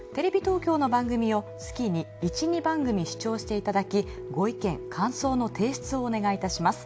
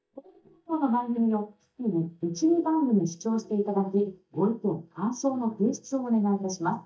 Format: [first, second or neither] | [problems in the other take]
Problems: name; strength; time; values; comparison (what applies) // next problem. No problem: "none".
first | noise reduction (neural mask model DeepFilterNet 3)